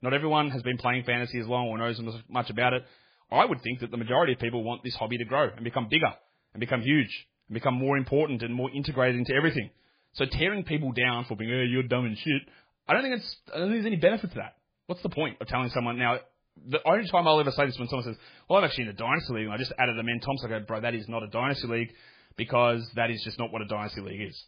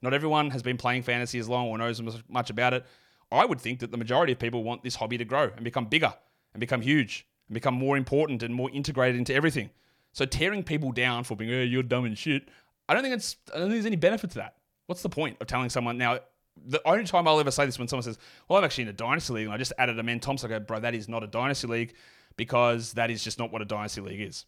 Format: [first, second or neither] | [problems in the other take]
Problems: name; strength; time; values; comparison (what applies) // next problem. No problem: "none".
second | garbled, watery; badly; nothing above 5 kHz